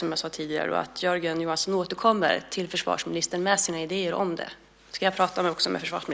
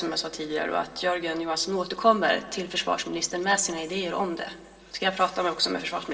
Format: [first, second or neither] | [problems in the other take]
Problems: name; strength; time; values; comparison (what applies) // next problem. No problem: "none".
first | room echo; dies away in 2 s